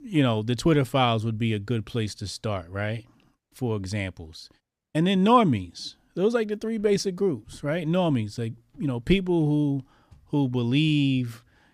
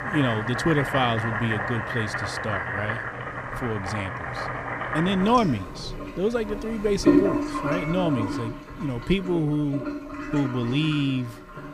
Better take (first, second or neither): first